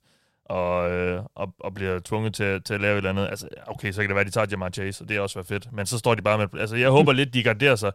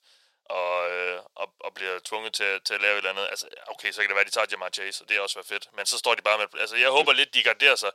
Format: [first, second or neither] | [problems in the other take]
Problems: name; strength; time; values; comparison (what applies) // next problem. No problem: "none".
first | thin; very; fading below 550 Hz